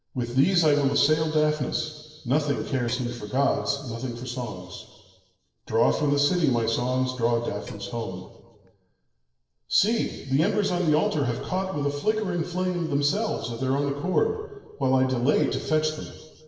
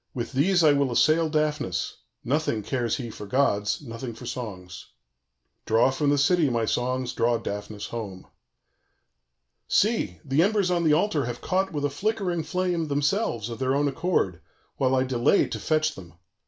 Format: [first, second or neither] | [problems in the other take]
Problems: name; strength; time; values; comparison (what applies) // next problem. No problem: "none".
second | noise reduction (neural separator model SepFormer DNS4)